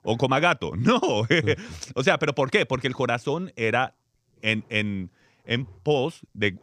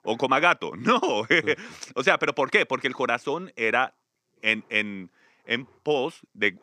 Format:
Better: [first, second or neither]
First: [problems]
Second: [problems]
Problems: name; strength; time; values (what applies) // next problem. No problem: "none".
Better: first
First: none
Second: thin; very slightly; fading below 250 Hz